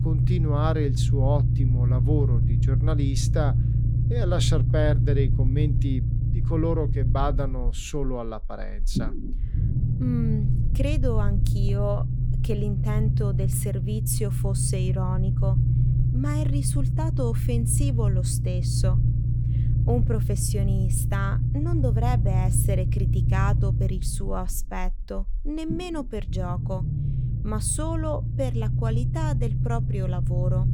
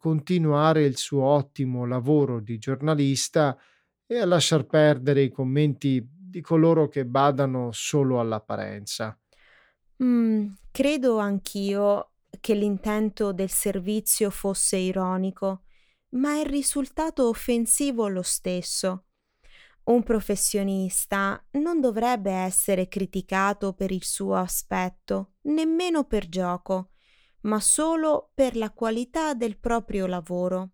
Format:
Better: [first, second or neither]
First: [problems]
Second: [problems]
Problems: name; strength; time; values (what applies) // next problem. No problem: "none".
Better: second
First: low rumble; loud; throughout; 5 dB below the speech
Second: none